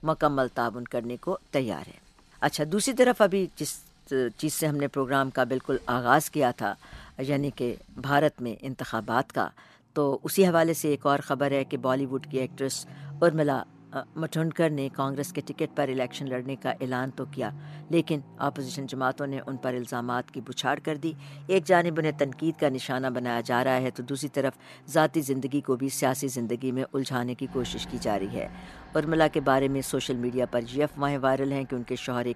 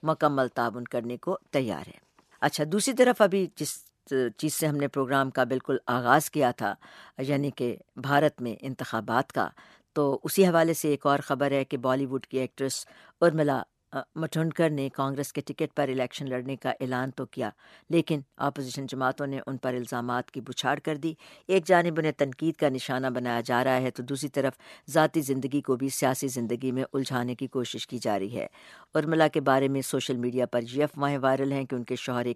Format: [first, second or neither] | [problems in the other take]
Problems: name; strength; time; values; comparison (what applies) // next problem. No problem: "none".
second | traffic noise; faint; throughout; 20 dB below the speech